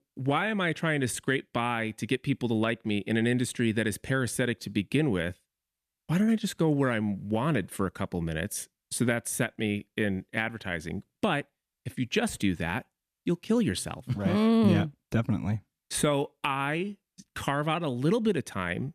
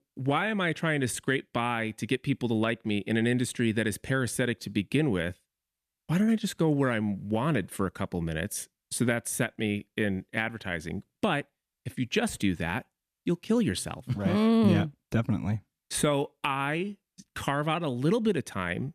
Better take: neither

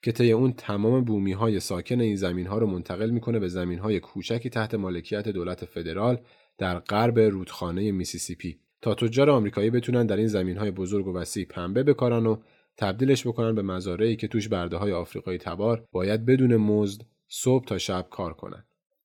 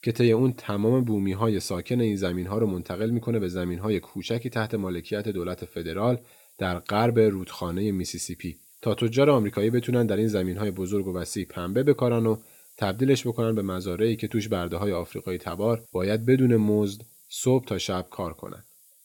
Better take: first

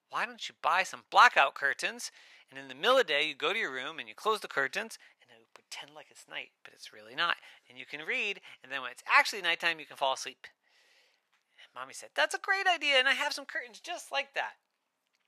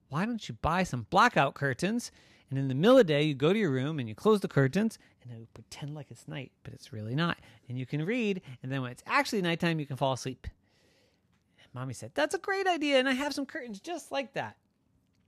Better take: second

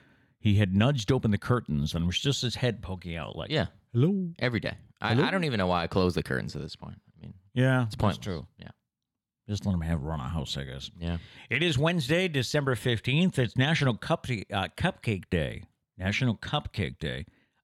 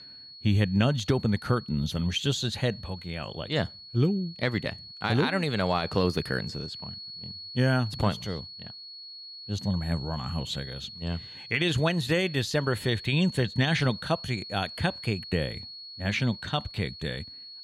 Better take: first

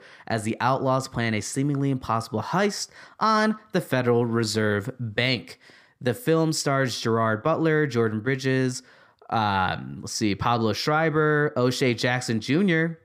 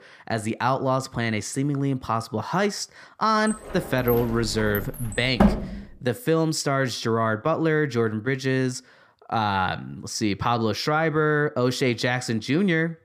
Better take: first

